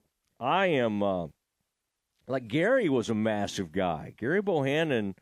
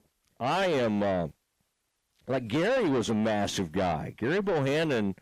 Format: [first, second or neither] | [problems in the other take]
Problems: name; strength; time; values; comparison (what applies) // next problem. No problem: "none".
first | distortion; heavy; 7 dB below the speech